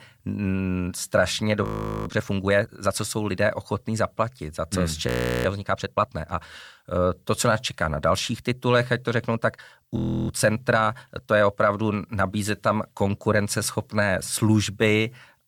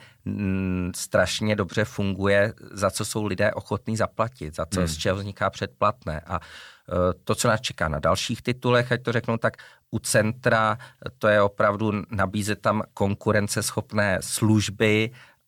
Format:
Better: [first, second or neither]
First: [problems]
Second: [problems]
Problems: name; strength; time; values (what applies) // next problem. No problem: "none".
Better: second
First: audio freezing; at 1.5 s, at 5 s and at 10 s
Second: none